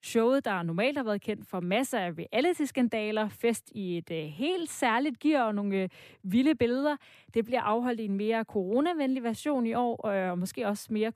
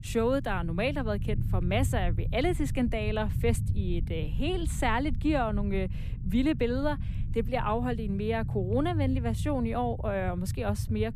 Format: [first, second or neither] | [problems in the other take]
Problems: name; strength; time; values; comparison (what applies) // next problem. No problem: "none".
first | low rumble; noticeable; throughout; 15 dB below the speech